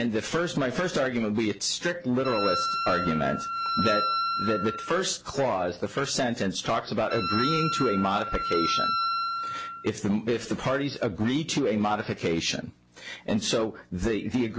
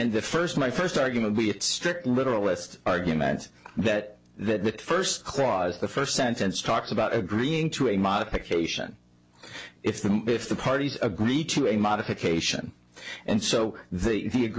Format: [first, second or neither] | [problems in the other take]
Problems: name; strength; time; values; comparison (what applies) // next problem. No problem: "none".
second | background sound (Wind instrument, woodwind instrument); 2 dB below the speech